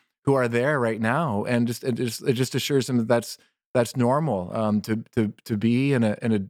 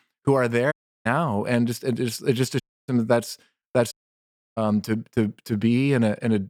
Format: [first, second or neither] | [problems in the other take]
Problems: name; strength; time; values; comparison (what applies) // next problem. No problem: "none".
first | audio cutting out; at 0.5 s, at 2.5 s and at 4 s for 0.5 s